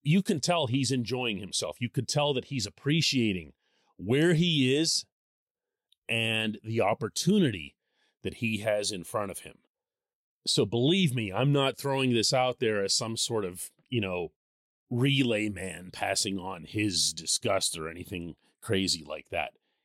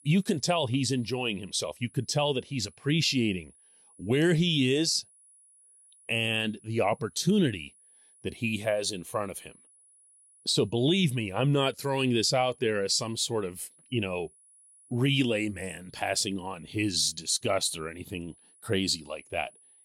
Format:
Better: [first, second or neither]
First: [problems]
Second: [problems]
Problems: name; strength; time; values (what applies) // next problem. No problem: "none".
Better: first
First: none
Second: high-pitched whine; faint; throughout; 10 kHz, 30 dB below the speech